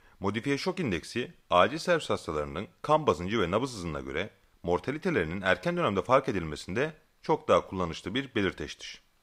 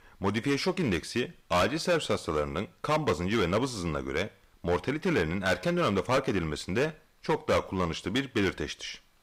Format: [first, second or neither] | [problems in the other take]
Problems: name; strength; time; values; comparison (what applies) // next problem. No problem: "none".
first | distortion; heavy; 7% of the sound clipped